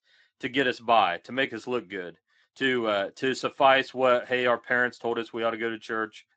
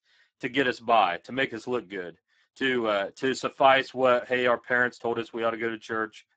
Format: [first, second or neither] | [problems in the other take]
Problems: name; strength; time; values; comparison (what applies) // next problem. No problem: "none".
first | garbled, watery; badly; nothing above 7.5 kHz; slightly in the first